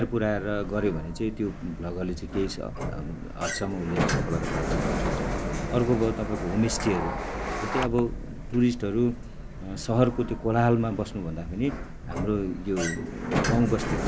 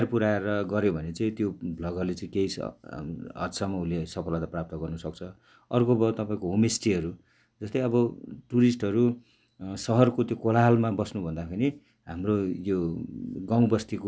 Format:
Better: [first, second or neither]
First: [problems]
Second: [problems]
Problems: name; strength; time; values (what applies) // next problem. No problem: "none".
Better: second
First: background sound (Sliding door); 3 dB below the speech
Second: none